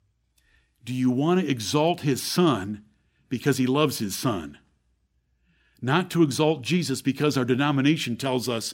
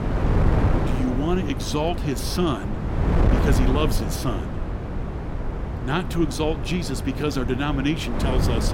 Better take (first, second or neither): first